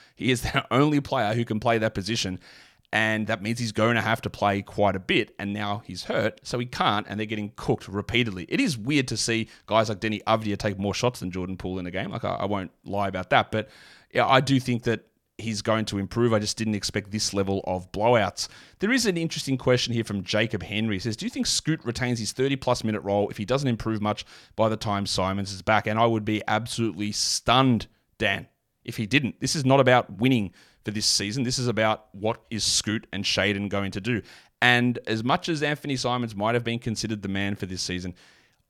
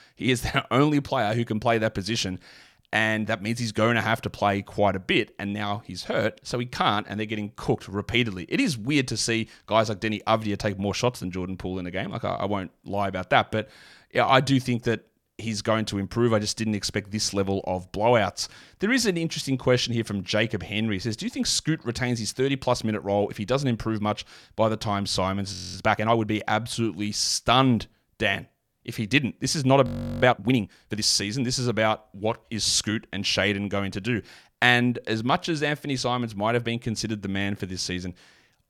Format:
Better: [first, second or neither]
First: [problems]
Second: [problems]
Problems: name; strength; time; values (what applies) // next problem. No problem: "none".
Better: first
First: none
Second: audio freezing; at 26 s and at 30 s